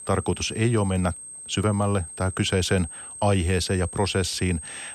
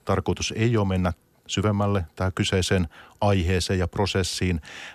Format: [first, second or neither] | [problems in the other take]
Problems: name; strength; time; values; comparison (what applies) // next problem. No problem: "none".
second | high-pitched whine; noticeable; throughout; 8.5 kHz, 10 dB below the speech